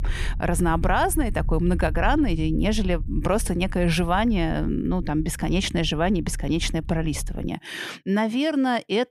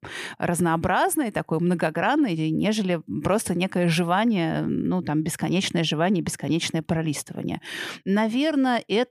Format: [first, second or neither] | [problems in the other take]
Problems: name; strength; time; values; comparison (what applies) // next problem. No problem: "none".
second | low rumble; faint; until 7.5 s; 25 dB below the speech